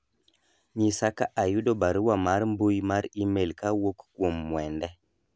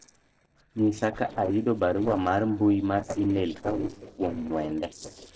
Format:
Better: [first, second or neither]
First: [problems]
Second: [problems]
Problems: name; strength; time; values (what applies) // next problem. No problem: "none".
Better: first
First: none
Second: noise reduction (neural separator model SepFormer DNS4)